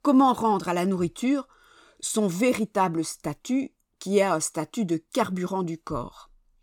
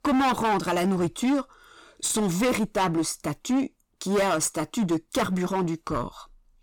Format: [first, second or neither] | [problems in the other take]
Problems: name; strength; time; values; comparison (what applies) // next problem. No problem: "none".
first | distortion; heavy; 15% of the sound clipped